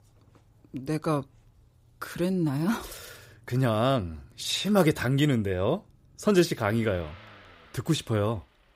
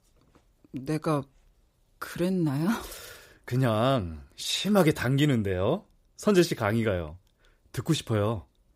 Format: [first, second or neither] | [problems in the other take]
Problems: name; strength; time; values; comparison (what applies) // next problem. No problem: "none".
second | traffic noise; faint; throughout; 30 dB below the speech